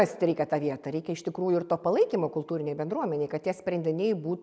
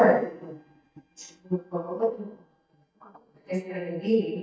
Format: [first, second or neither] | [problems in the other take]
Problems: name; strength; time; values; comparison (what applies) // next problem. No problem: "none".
first | noise reduction (neural mask model DeepFilterNet 3)